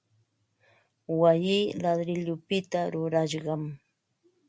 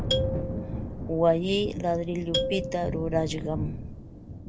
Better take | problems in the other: first | background sound (Thunder + Marimba, xylophone); 2 dB below the speech

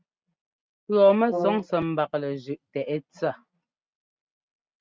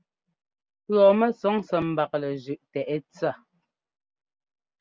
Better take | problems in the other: second | noise reduction (neural mask model RNNoise)

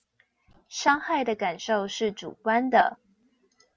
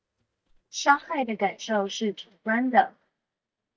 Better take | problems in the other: first | noise reduction (neural mask model DeepFilterNet 3)

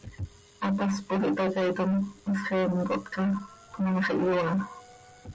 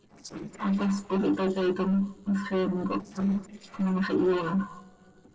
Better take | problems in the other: first | noise reduction (neural separator model SepFormer DNS4)

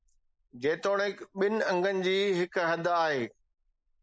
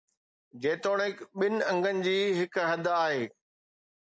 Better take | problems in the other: second | noise reduction (neural mask model Resemble Enhance denoiser)

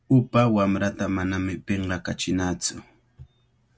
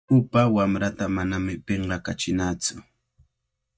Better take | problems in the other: first | noise reduction (neural mask model DeepFilterNet 3)

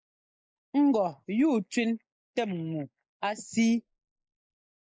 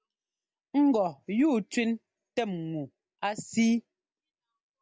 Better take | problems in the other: second | noise reduction (neural mask model Resemble Enhance denoiser)

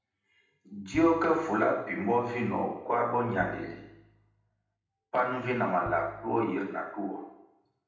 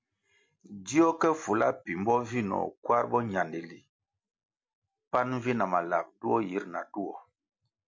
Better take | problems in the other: second | background sound (Piano); 20 dB below the speech // room echo; dies away in 0.8 s

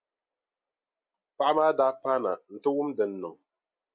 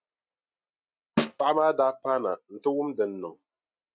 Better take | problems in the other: first | noise reduction (neural mask model RNNoise)

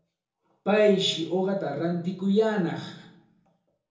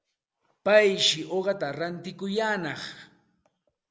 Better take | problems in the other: second | room echo; dies away in 0.6 s

